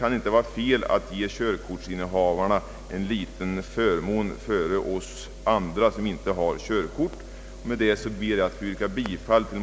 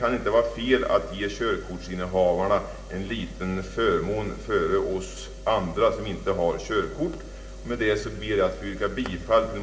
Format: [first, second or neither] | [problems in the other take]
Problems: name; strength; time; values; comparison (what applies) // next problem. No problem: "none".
first | room echo; dies away in 0.6 s